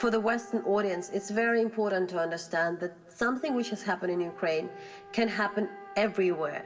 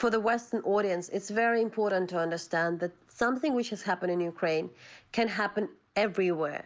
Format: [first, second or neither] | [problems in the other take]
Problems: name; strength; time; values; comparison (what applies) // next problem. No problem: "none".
second | background sound (Wind instrument, woodwind instrument); 19 dB below the speech // room echo; dies away in 1.5 s